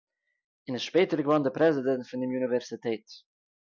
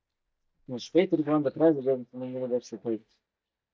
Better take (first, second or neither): first